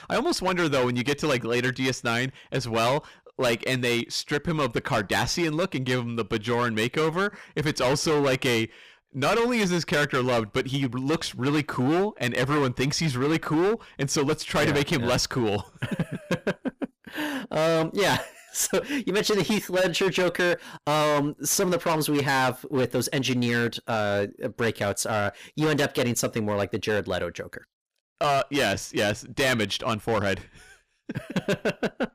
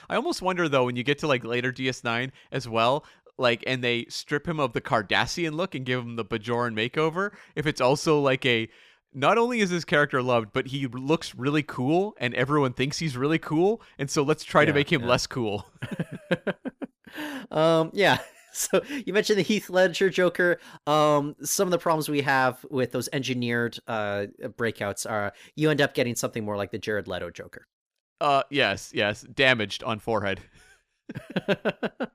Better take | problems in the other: second | distortion; heavy; 15% of the sound clipped

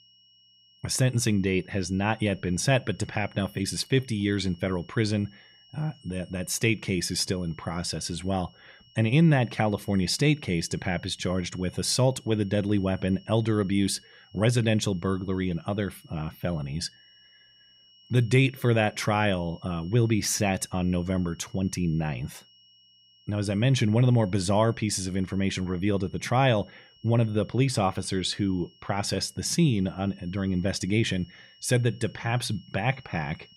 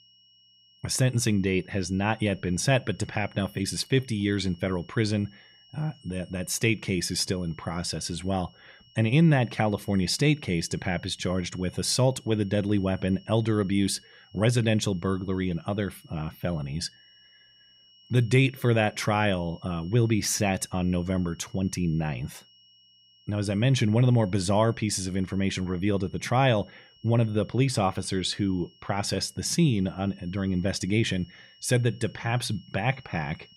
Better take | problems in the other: neither | high-pitched whine; faint; throughout; 3 kHz, 30 dB below the speech; the same in both

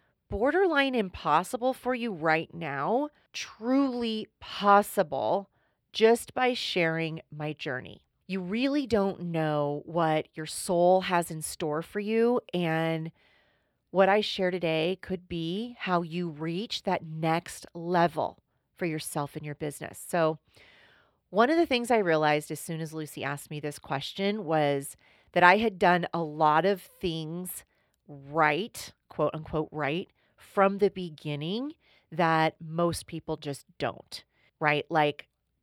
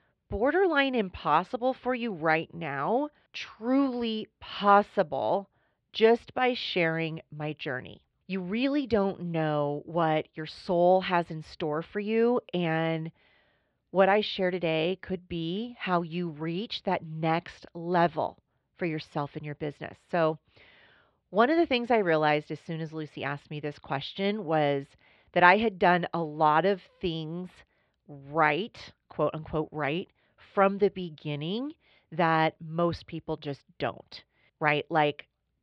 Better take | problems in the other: first | muffled; very slightly; fading above 4 kHz

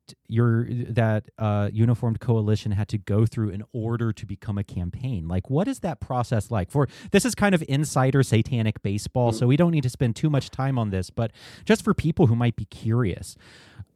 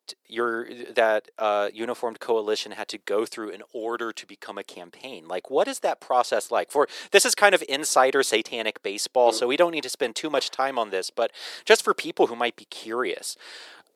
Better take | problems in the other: first | thin; very; fading below 400 Hz

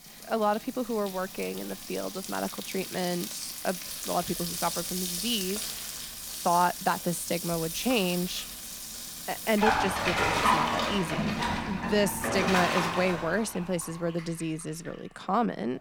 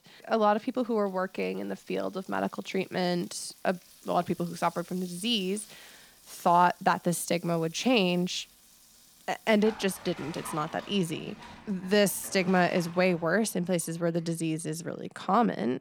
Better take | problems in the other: second | household noises; loud; throughout; 1 dB below the speech; faint in the second

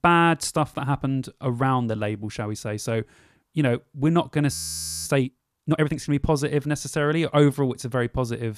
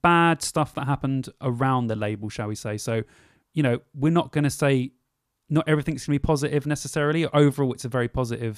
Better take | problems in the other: second | audio freezing; at 4.5 s for 0.5 s

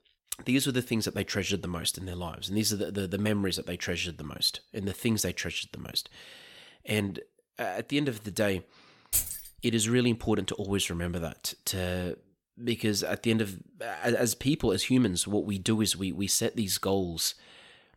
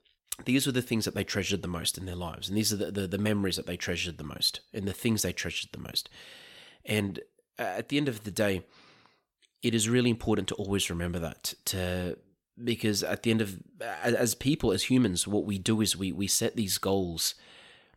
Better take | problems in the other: second | jangling keys; loud; at 9 s; peak 2 dB above the speech

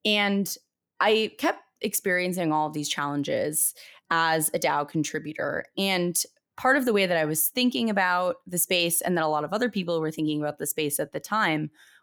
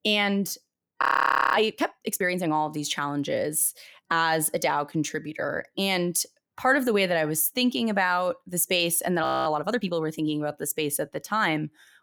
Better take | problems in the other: first | audio freezing; at 1 s for 0.5 s and at 9 s

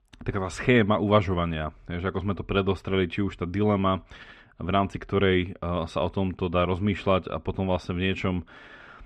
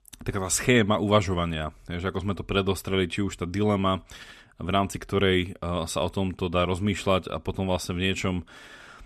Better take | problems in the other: second | muffled; slightly; fading above 2.5 kHz

